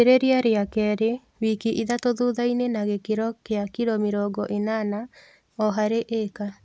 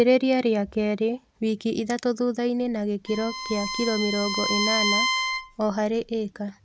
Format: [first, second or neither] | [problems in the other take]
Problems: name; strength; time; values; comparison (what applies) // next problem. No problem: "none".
first | background sound (Bowed string instrument); 3 dB below the speech